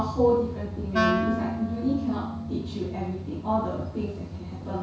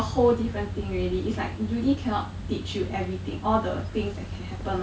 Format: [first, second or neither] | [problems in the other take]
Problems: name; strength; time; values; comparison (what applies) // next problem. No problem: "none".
second | background sound (Wind instrument, woodwind instrument); 3 dB below the speech // room echo; dies away in 0.6 s